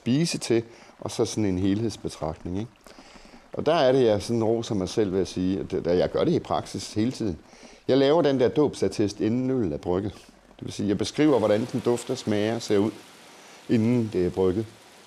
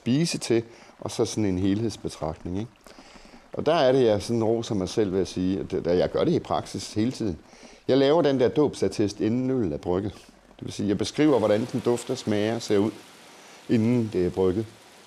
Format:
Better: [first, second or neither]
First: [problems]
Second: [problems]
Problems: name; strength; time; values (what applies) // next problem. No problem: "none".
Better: neither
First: rain or running water; faint; throughout; 25 dB below the speech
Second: rain or running water; faint; throughout; 25 dB below the speech